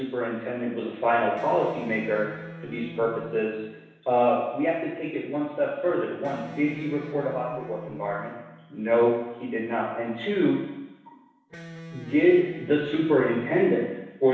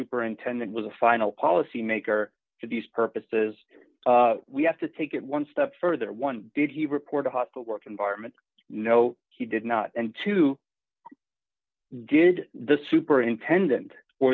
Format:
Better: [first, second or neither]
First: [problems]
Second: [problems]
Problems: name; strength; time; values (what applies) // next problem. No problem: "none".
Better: second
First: background sound (Electric guitar); 16 dB below the speech // room echo; dies away in 1.1 s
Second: none